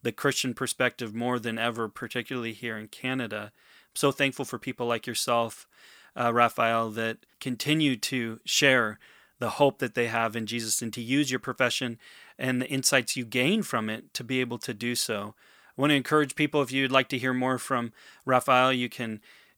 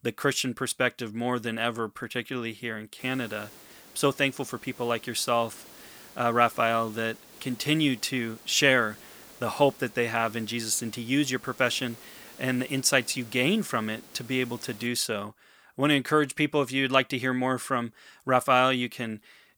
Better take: first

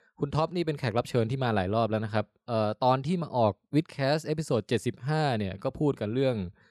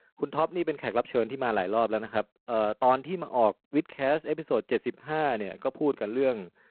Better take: first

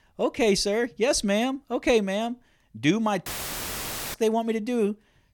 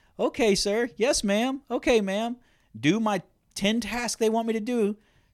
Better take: second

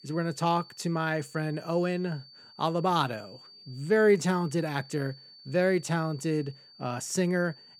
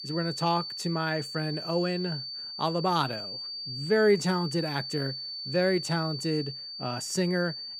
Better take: first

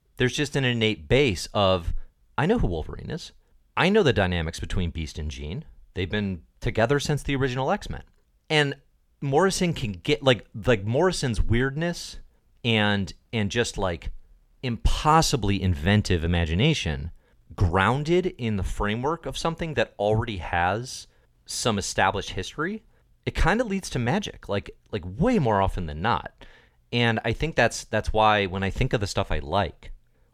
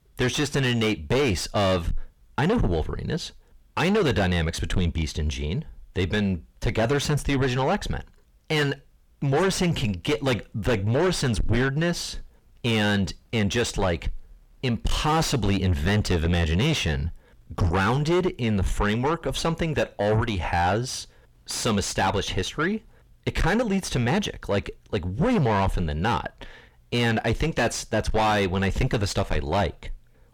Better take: first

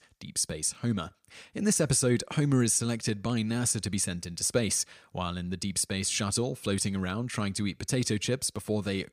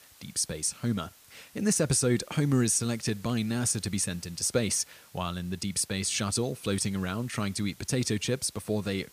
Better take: first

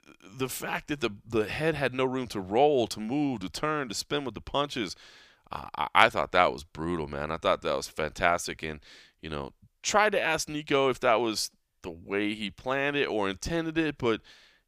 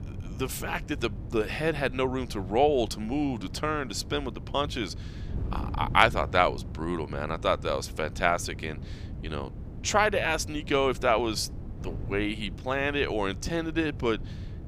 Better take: first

